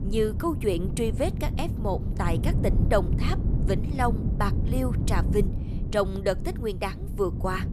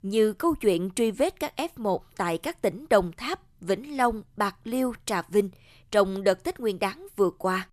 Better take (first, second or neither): second